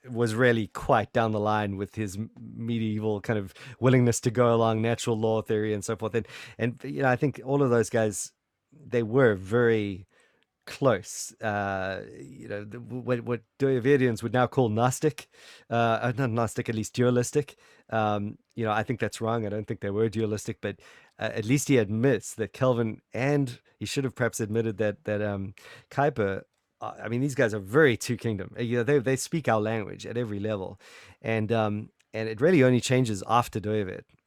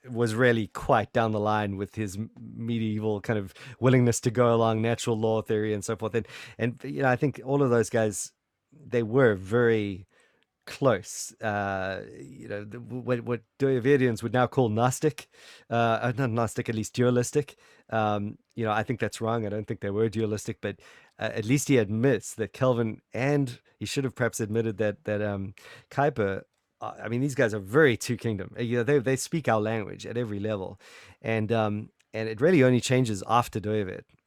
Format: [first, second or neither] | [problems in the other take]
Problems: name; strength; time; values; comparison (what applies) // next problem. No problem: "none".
neither | none